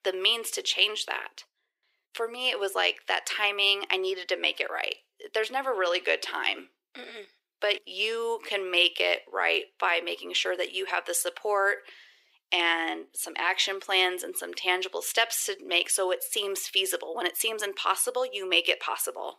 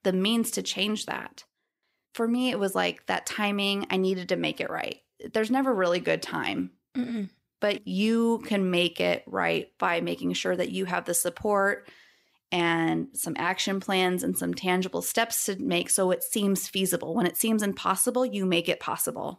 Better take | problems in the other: second | thin; very; fading below 400 Hz

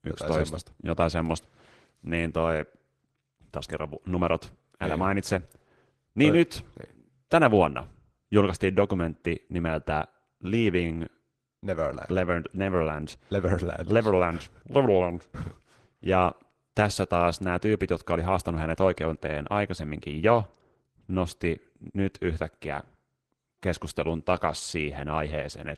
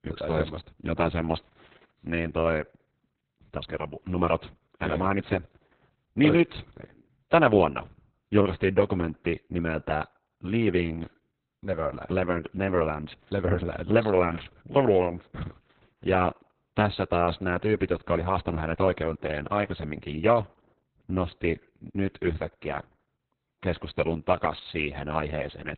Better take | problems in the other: first | garbled, watery; badly; nothing above 4 kHz; slightly in the first

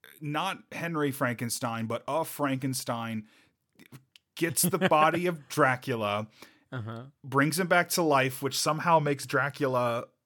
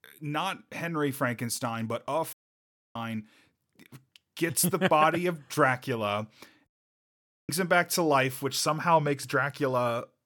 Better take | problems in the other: first | audio cutting out; at 2.5 s for 0.5 s and at 6.5 s for 1 s

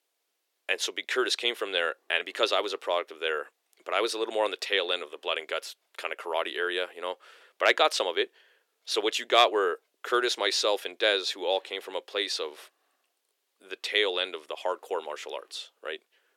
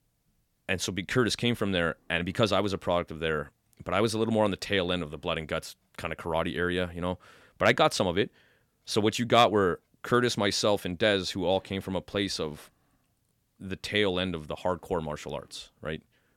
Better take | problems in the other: second | thin; very; fading below 350 Hz

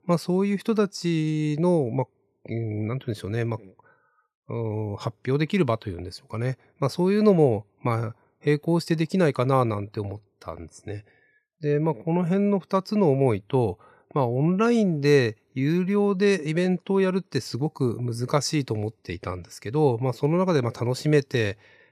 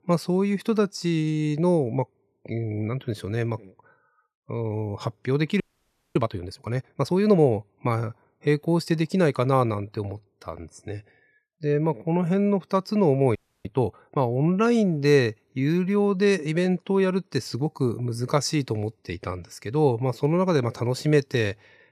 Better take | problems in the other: first | audio freezing; at 5.5 s for 0.5 s and at 13 s

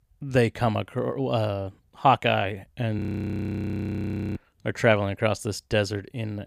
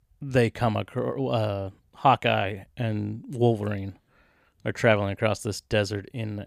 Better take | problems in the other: second | audio freezing; at 3 s for 1.5 s

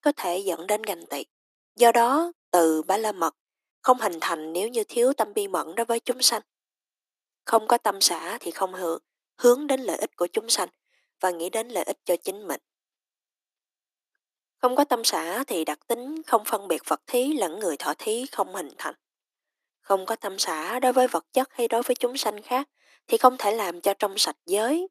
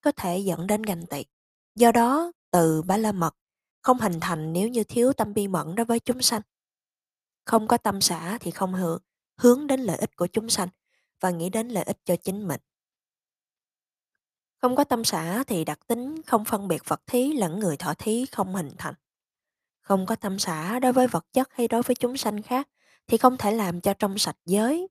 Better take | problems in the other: second | thin; somewhat; fading below 300 Hz

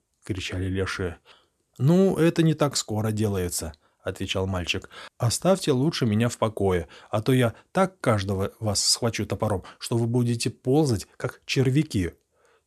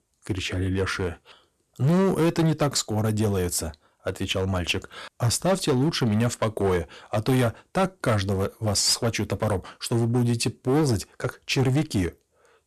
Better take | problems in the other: first | distortion; slight; 9% of the sound clipped

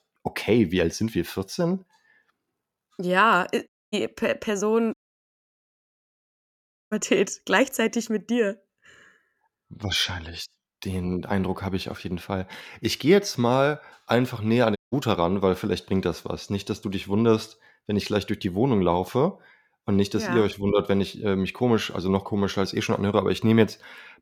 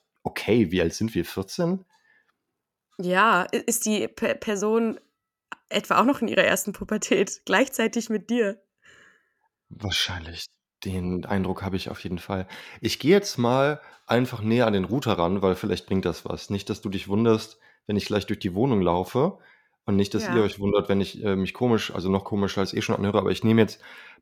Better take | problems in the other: second | audio cutting out; at 3.5 s, at 5 s for 2 s and at 15 s

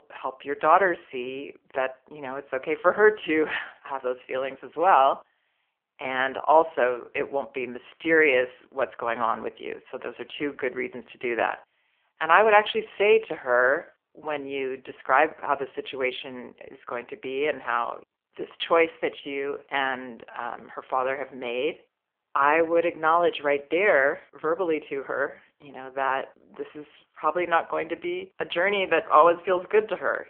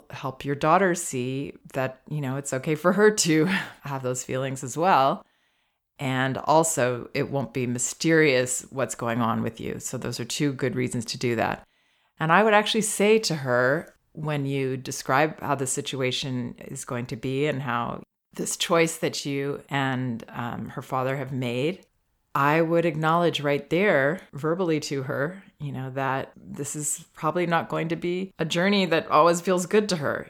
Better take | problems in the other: second | phone-call audio; poor line; nothing above 3.5 kHz

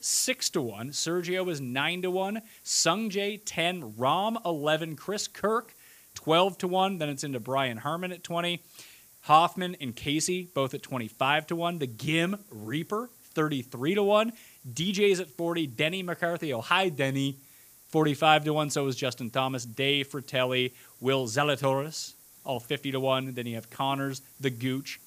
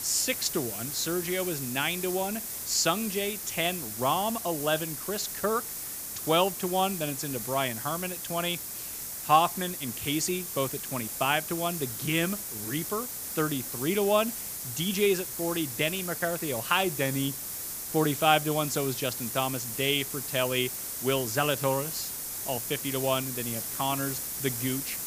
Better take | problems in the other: first | hiss; loud; throughout; 4 dB below the speech; faint in the first

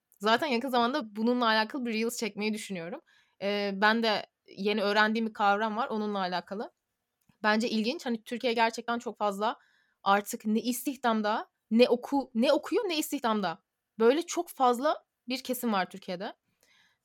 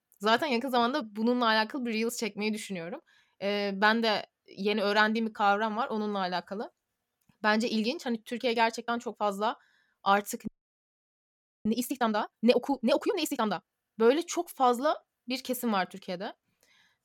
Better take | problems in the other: first | audio freezing; at 10 s for 1 s

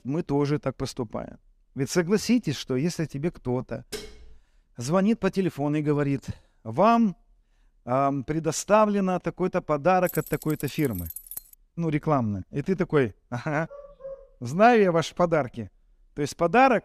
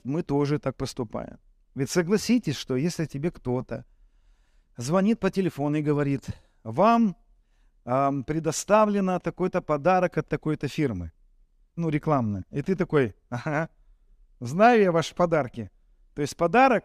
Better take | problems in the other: second | clattering dishes; faint; at 4 s; peak 15 dB below the speech // jangling keys; faint; from 10 to 12 s; peak 10 dB below the speech // dog barking; faint; at 14 s; peak 15 dB below the speech

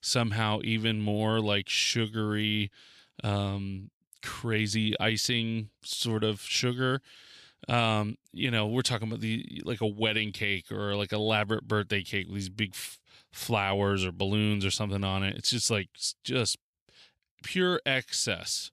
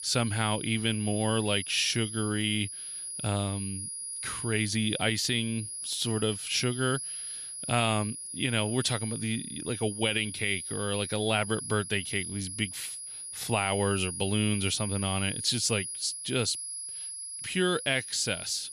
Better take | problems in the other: first | high-pitched whine; loud; throughout; 10.5 kHz, 6 dB below the speech

